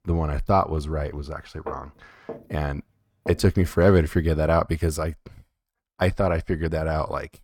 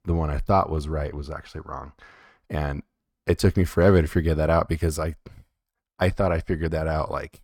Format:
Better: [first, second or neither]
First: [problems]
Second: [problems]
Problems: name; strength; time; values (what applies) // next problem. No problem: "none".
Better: second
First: footsteps; faint; from 1.5 to 3.5 s; peak 15 dB below the speech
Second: none